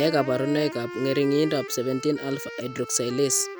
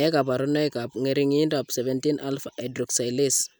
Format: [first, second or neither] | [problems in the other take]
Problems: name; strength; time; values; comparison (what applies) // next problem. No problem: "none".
second | background sound (Wind instrument, woodwind instrument); 11 dB below the speech